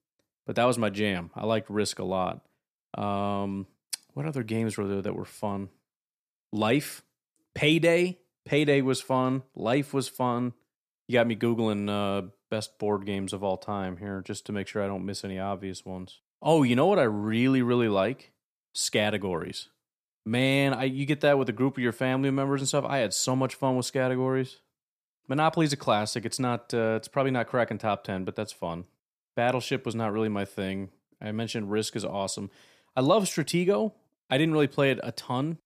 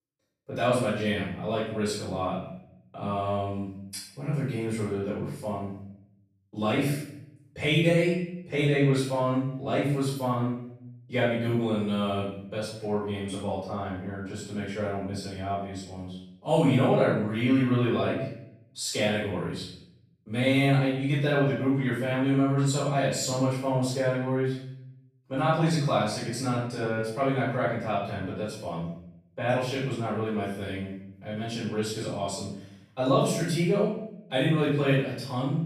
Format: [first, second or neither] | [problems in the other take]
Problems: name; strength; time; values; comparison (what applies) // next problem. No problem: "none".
first | off-mic speech; far // room echo; noticeable; dies away in 0.7 s